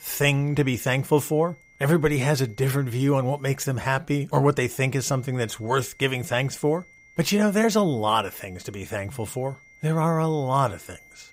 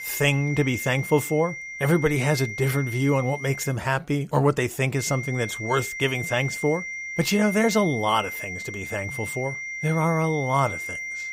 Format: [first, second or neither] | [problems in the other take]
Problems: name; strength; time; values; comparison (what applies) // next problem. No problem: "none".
first | high-pitched whine; loud; until 3.5 s and from 5 s on; 2 kHz, 7 dB below the speech; faint in the first